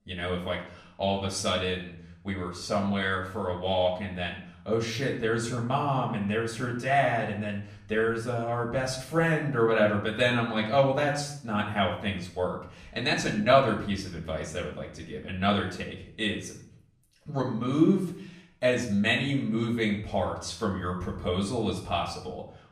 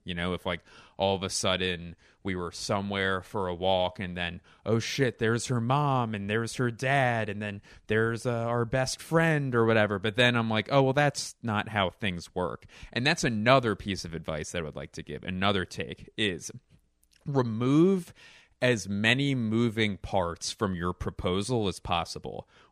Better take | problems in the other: second | off-mic speech; far // room echo; slight; dies away in 0.5 s

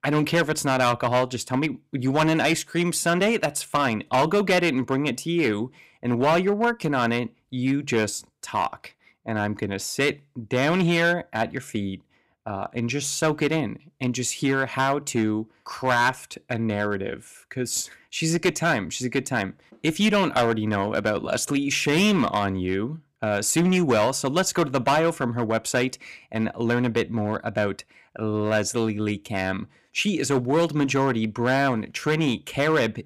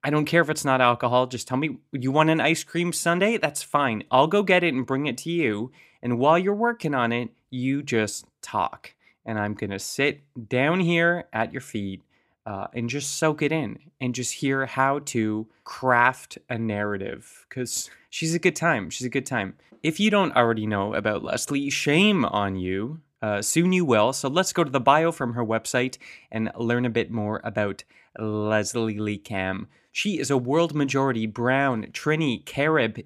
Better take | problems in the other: second | distortion; slight; 5% of the sound clipped

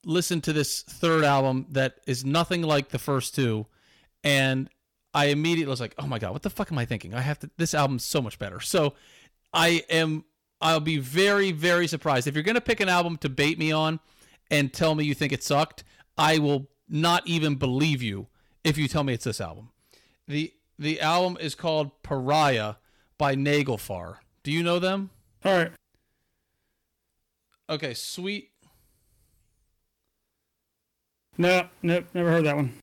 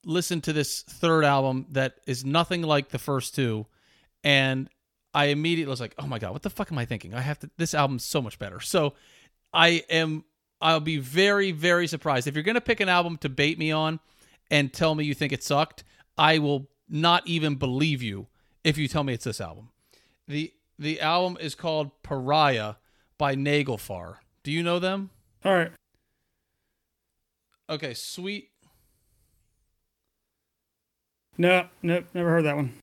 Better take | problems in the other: second | distortion; slight; 3% of the sound clipped

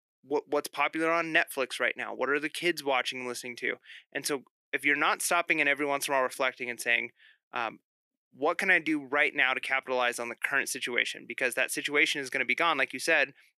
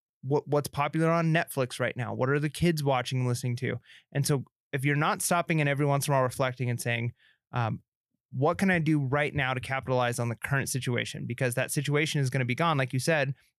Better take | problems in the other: second | thin; somewhat; fading below 300 Hz

